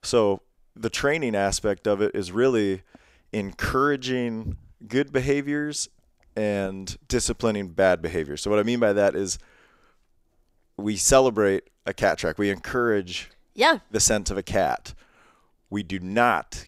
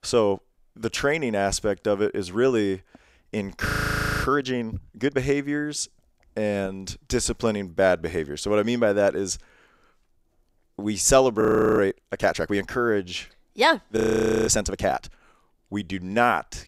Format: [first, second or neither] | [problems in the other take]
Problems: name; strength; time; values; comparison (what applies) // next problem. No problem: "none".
first | audio freezing; at 3.5 s for 0.5 s, at 11 s and at 14 s